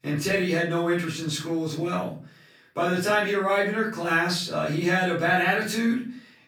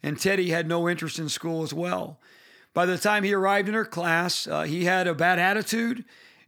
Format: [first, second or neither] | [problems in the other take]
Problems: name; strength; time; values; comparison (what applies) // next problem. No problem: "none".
second | off-mic speech; far // room echo; slight; dies away in 0.4 s